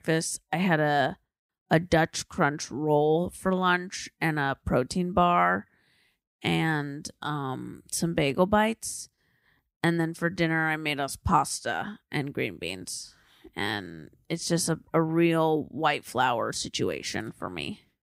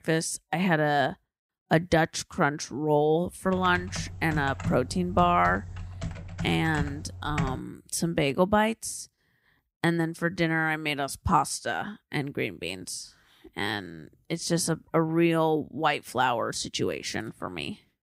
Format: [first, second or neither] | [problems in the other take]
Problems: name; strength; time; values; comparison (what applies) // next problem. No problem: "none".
first | keyboard typing; noticeable; from 3.5 to 7.5 s; peak 5 dB below the speech